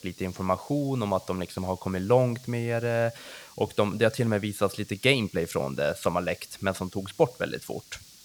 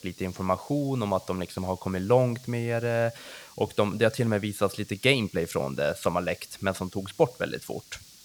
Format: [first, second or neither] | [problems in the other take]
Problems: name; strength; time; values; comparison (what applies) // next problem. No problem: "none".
neither | hiss; faint; throughout; 20 dB below the speech; the same in both